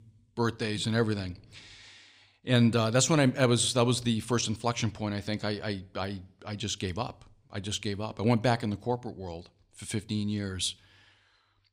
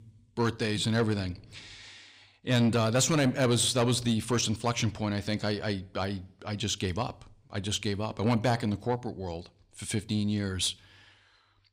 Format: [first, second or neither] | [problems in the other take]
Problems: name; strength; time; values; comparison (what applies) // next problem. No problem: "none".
first | distortion; slight; 10 dB below the speech